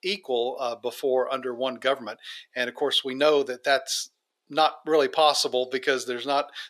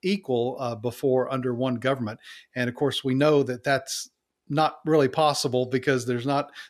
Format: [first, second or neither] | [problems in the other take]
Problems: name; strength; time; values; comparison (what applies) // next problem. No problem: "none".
second | thin; somewhat; fading below 500 Hz